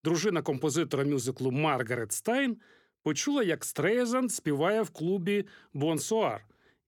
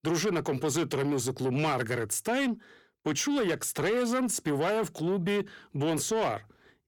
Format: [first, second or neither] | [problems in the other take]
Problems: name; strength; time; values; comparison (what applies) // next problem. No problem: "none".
first | distortion; slight; 10 dB below the speech